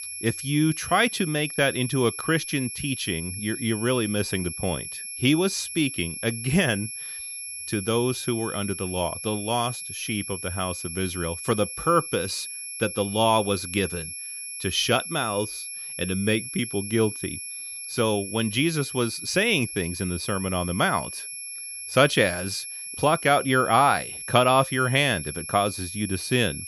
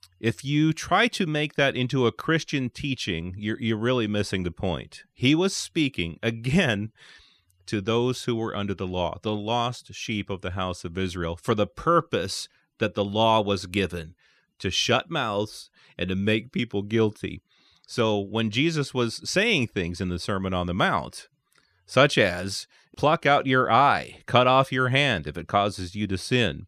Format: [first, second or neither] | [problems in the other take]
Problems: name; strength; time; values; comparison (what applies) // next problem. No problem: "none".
second | high-pitched whine; loud; throughout; 11 kHz, 8 dB below the speech